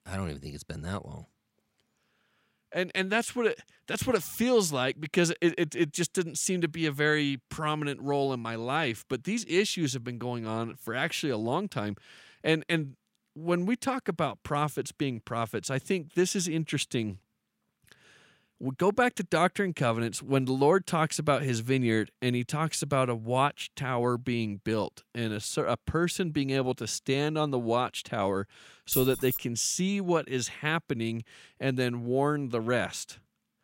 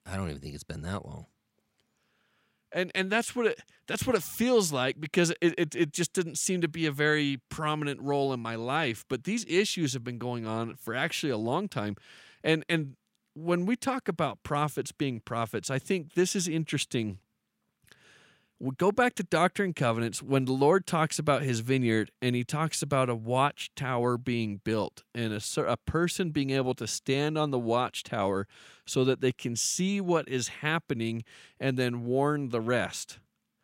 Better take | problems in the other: second | jangling keys; noticeable; at 29 s; peak 2 dB below the speech

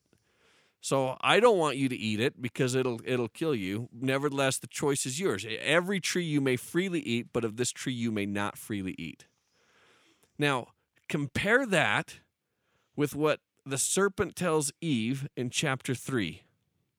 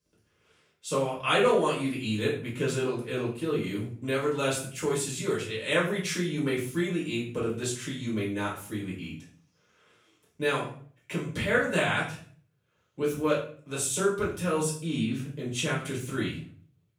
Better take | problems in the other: first | off-mic speech; far // room echo; noticeable; dies away in 0.4 s

